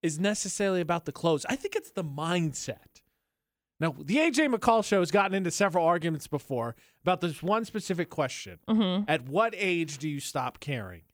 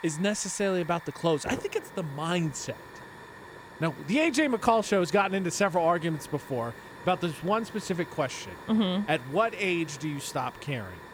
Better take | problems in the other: first | hiss; noticeable; throughout; 15 dB below the speech

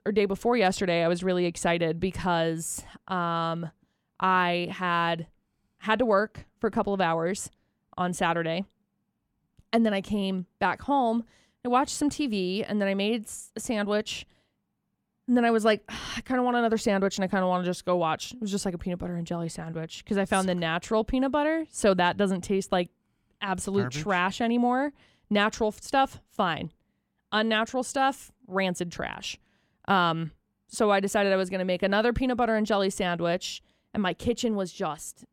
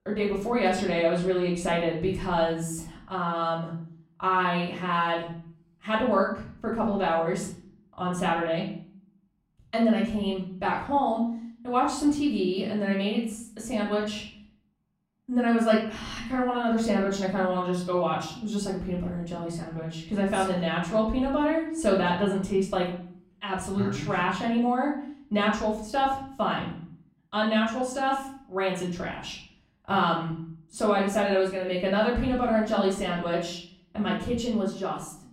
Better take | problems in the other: first | off-mic speech; far // room echo; noticeable; dies away in 0.6 s

